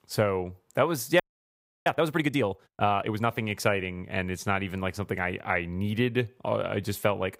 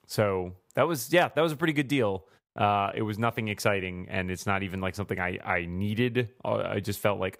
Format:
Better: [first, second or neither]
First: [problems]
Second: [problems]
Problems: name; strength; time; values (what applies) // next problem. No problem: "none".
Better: second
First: audio freezing; at 1 s for 0.5 s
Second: none